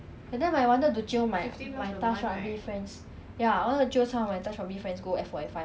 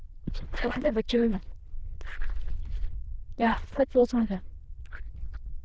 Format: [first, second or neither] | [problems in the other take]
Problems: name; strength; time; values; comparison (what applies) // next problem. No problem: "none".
first | noise reduction (neural diffusion model UNIVERSE++)